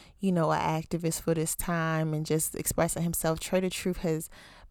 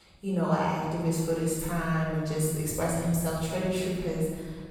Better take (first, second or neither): first